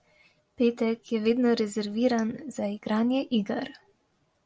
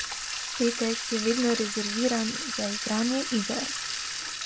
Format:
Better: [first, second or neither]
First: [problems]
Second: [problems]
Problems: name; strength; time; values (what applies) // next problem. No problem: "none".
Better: first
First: none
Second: background sound (Sink (filling or washing) / Water tap, faucet); 3 dB below the speech